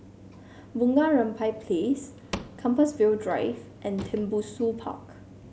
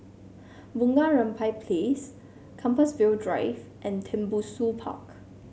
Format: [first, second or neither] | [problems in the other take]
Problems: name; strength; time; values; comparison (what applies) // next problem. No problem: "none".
second | background sound (Drawer open or close / Wood); 18 dB below the speech